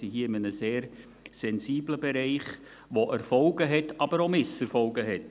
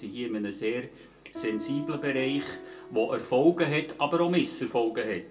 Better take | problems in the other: first | background sound (Piano); 16 dB below the speech // room echo; dies away in 0.2 s

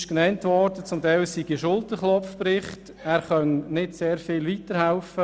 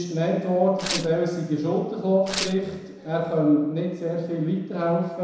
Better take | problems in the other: first | background sound (Tearing); 11 dB below the speech // room echo; dies away in 1 s

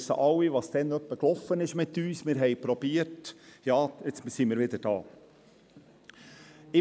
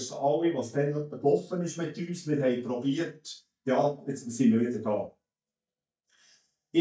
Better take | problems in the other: first | noise reduction (neural mask model DeepFilterNet 3)

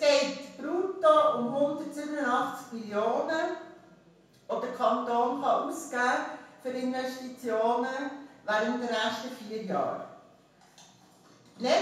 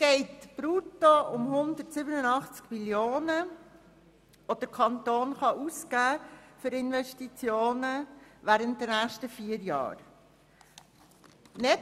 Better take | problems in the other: second | room echo; dies away in 0.7 s

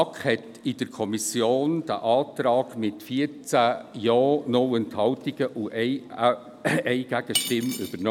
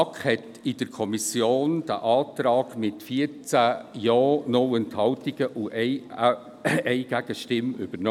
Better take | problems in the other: second | background sound (Cutlery, silverware / Dishes, pots, and pans); 6 dB below the speech

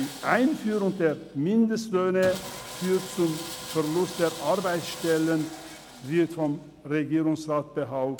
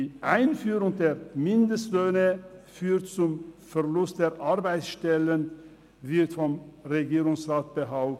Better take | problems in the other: second | background sound (Sawing); 15 dB below the speech

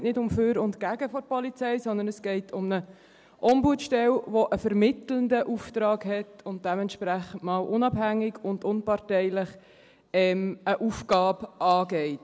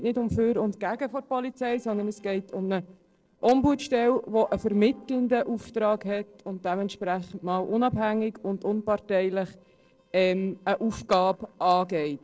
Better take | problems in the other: first | noise reduction (neural separator model SepFormer DNS4)

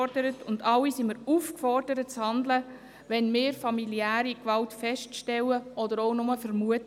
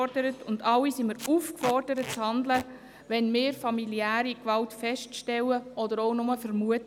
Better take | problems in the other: first | background sound (Packing tape, duct tape); 13 dB below the speech

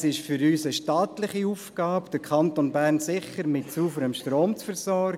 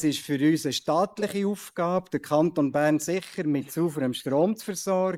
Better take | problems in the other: first | noise reduction (neural mask model Resemble Enhance denoiser)

